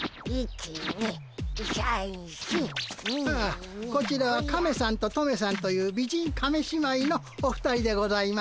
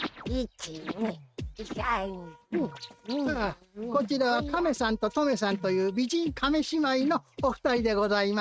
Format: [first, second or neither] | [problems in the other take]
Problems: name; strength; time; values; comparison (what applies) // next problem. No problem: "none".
first | noise reduction (neural mask model RNNoise)